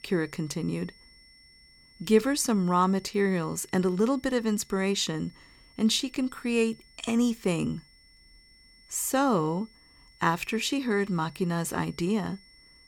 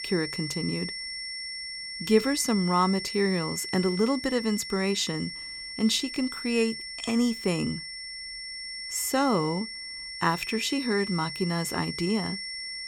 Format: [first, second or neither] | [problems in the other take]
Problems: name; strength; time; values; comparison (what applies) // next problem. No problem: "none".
first | high-pitched whine; loud; throughout; 5.5 kHz, 7 dB below the speech; faint in the first